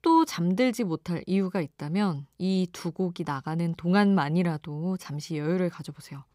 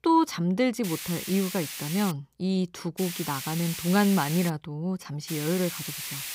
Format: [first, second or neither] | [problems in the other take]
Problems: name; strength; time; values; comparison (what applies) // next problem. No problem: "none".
first | hiss; loud; from 1 to 2 s, from 3 to 4.5 s and from 5.5 s on; 7 dB below the speech